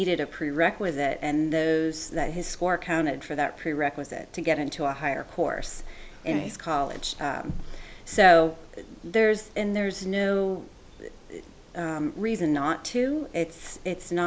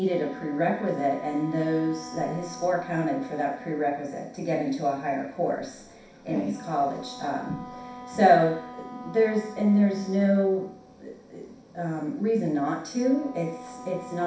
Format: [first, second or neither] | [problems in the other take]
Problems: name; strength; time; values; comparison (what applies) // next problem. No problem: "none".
first | background sound (Wind instrument, woodwind instrument); 17 dB below the speech // room echo; dies away in 0.6 s